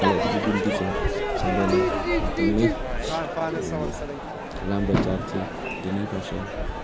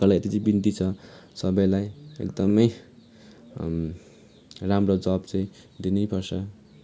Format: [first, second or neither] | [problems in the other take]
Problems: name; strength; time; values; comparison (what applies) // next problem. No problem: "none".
second | background sound (Crowd / Fireworks); 3 dB above the speech